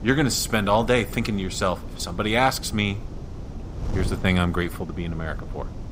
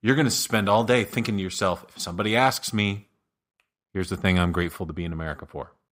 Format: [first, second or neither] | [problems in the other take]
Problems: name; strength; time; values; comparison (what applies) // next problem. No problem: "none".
second | wind noise on the microphone; occasional gusts; 20 dB below the speech